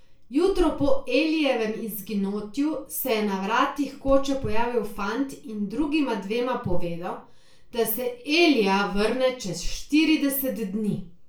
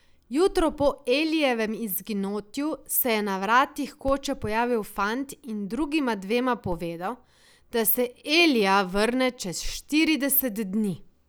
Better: second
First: room echo; dies away in 0.3 s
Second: none

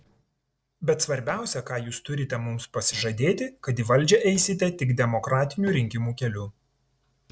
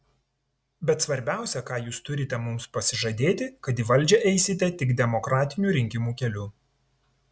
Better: second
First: noise reduction (neural separator model SepFormer DNS4)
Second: none

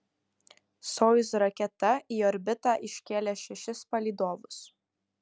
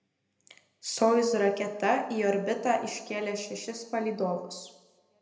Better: first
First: none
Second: room echo; dies away in 0.8 s

